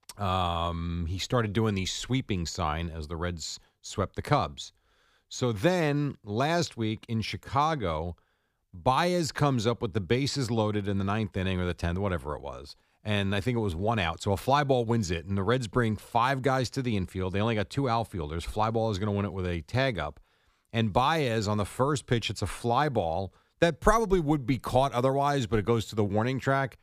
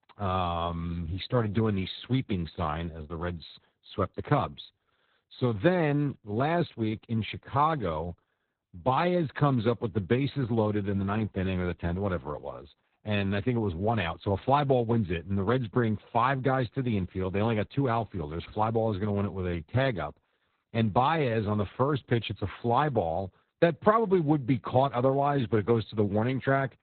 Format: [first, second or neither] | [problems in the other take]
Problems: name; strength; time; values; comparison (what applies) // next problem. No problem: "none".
first | garbled, watery; badly; nothing above 4 kHz